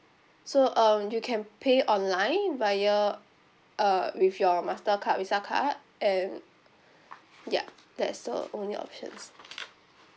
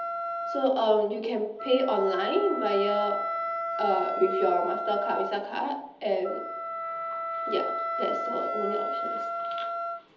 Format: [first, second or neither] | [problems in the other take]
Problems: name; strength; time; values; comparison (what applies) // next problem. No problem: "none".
first | background sound (Wind instrument, woodwind instrument); 4 dB below the speech // room echo; dies away in 1.2 s